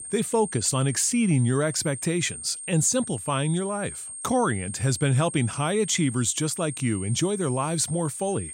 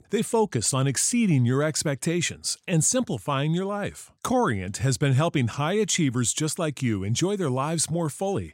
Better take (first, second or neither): second